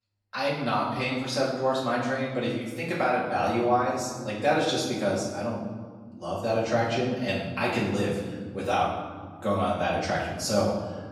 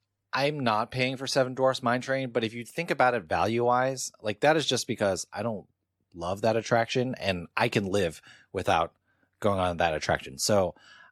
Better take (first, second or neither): second